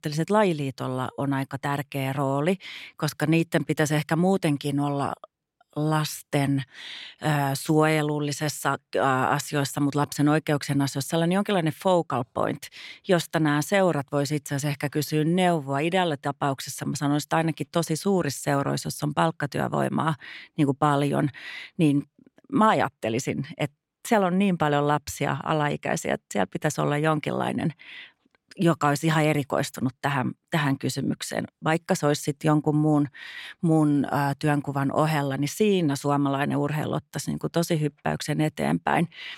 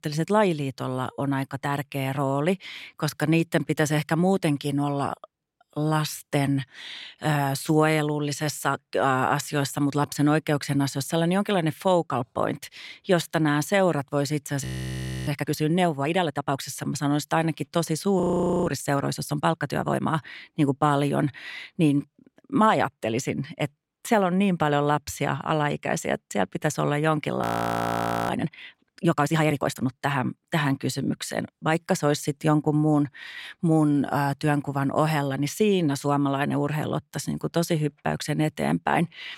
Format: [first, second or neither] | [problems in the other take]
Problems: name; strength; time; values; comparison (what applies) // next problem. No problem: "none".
first | audio freezing; at 15 s for 0.5 s, at 18 s and at 27 s for 1 s